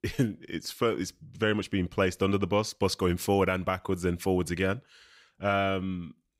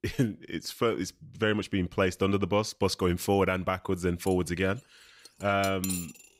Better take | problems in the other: first | clattering dishes; noticeable; from 4.5 s on; peak 5 dB below the speech

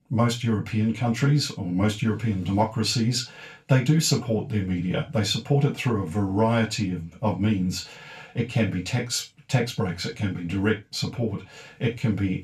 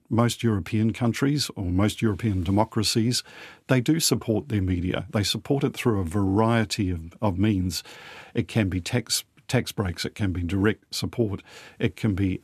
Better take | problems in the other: second | room echo; slight; dies away in 0.2 s // off-mic speech; far

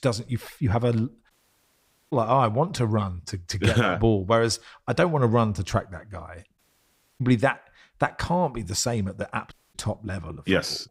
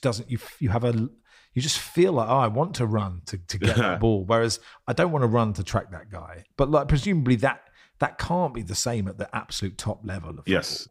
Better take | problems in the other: second | audio cutting out; at 1.5 s for 1 s, at 6.5 s for 0.5 s and at 9.5 s

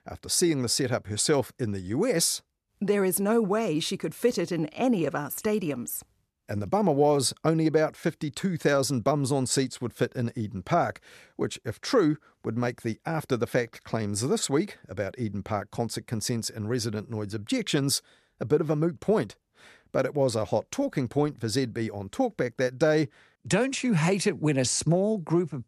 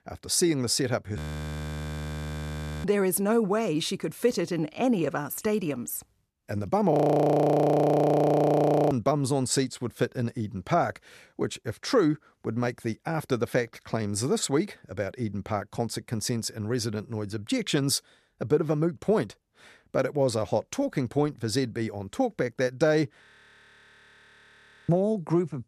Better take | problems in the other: first | audio freezing; at 1 s for 1.5 s, at 7 s for 2 s and at 23 s for 1.5 s

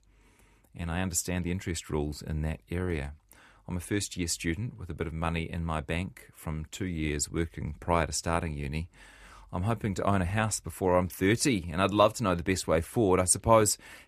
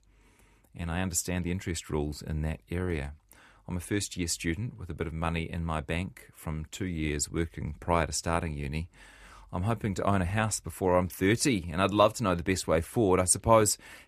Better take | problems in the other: neither | none

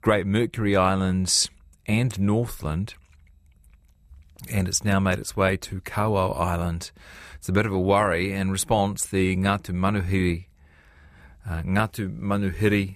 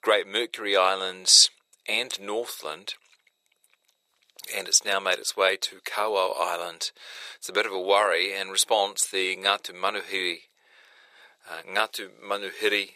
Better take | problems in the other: first | thin; very; fading below 450 Hz

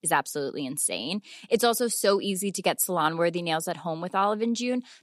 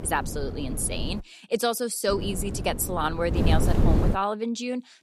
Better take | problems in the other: first | wind noise on the microphone; heavy; until 1 s and from 2 to 4 s; 7 dB below the speech

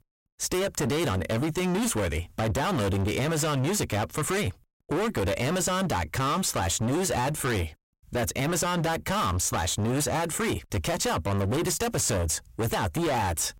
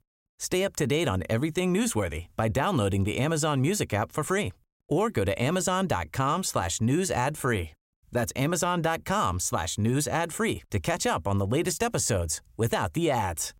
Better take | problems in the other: second | distortion; heavy; 33% of the sound clipped

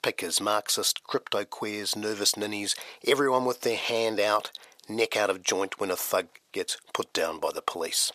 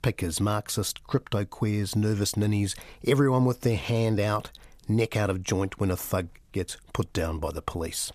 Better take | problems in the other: second | thin; very; fading below 550 Hz

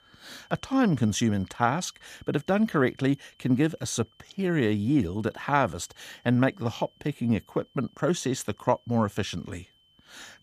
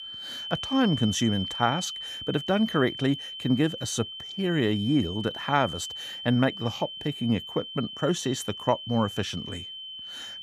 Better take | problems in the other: first | high-pitched whine; loud; throughout; 3 kHz, 8 dB below the speech; faint in the first

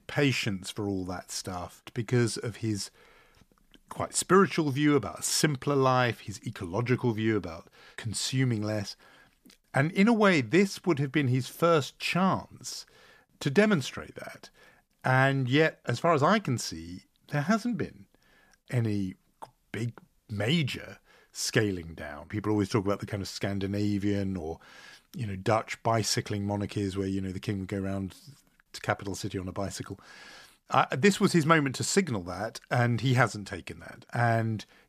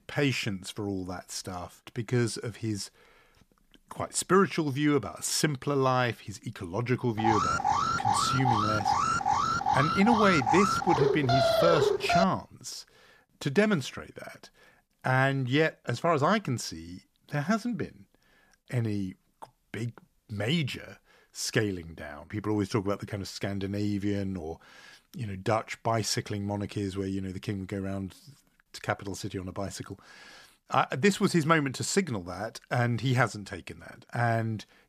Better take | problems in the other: first | alarm; loud; from 7 to 12 s; peak 5 dB above the speech

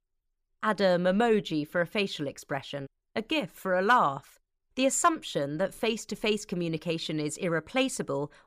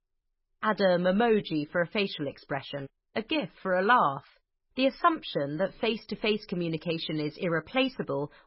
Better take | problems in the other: first | garbled, watery; badly; nothing above 5.5 kHz

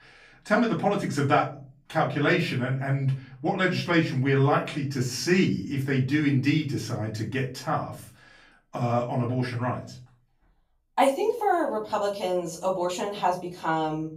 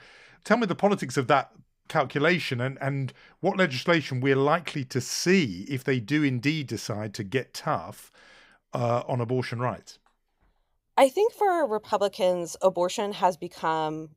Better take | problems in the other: second | off-mic speech; far // room echo; slight; dies away in 0.4 s

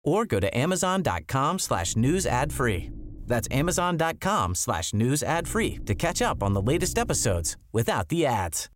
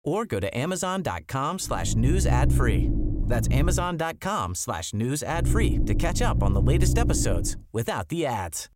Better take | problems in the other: first | low rumble; loud; from 1.5 to 4 s and from 5.5 to 7.5 s; 8 dB below the speech; faint in the first

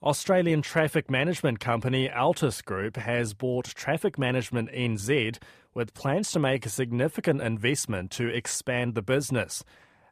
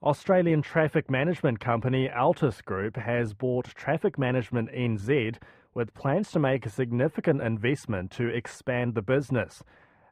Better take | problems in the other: first | muffled; very; fading above 3.5 kHz

